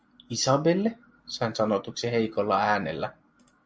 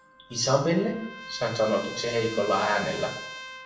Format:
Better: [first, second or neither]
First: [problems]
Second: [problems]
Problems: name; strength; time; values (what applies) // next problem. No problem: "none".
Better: first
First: none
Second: background sound (Trumpet); 12 dB below the speech // room echo; dies away in 0.7 s